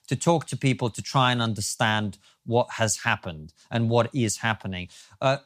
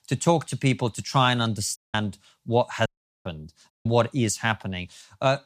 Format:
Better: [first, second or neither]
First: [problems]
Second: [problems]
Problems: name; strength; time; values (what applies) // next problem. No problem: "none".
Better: first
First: none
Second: audio cutting out; at 2 s, at 3 s and at 3.5 s